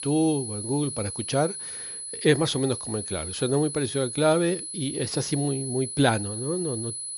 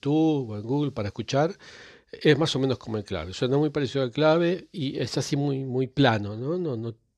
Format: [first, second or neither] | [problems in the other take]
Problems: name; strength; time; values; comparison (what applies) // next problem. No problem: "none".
second | high-pitched whine; loud; throughout; 10 kHz, 6 dB below the speech